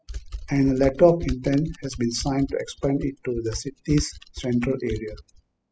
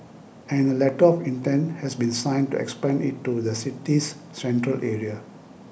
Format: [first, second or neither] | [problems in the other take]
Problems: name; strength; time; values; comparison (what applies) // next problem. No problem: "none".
second | noise reduction (classical method spectral subtraction)